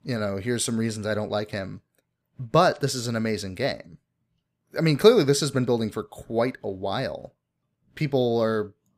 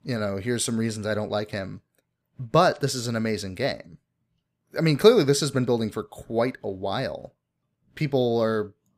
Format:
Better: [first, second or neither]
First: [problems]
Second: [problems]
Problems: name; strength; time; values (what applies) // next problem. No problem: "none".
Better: neither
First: none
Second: none